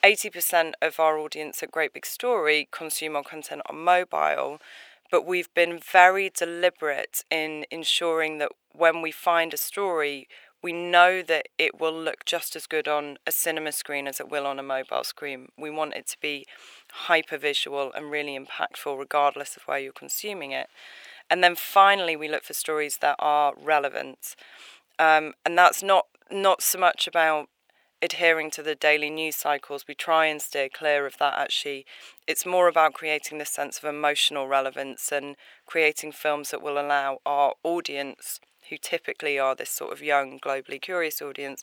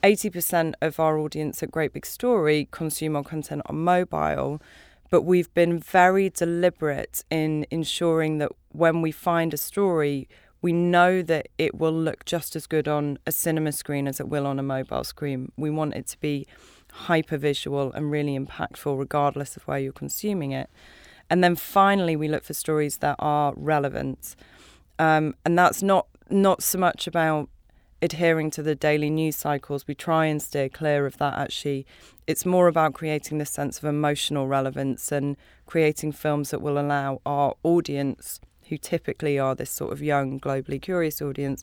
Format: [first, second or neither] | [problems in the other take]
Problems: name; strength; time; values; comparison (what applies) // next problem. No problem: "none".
second | thin; very; fading below 650 Hz